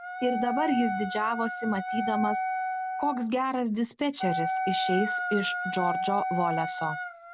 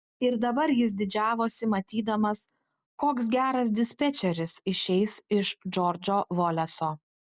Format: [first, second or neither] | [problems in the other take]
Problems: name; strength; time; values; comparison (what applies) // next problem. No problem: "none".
second | background sound (Wind instrument, woodwind instrument); 2 dB below the speech